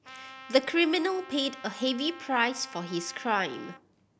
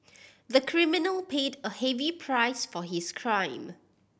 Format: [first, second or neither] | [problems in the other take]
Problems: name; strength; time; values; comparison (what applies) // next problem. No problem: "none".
second | background sound (Trumpet); 17 dB below the speech